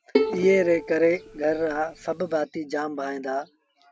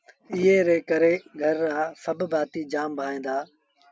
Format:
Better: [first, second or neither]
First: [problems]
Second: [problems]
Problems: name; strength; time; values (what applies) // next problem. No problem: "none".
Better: second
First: background sound (Bowed string instrument); 5 dB below the speech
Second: none